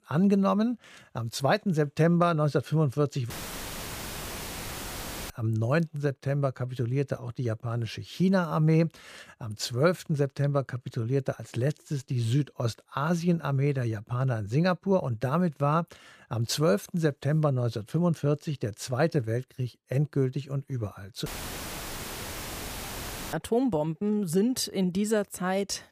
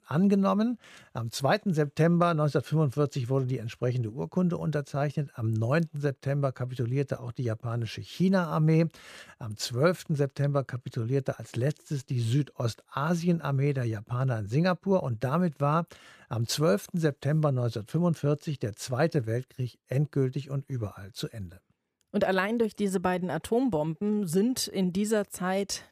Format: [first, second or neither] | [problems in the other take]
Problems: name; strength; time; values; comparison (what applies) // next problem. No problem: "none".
second | audio cutting out; filled with static; at 3.5 s for 2 s and at 21 s for 2 s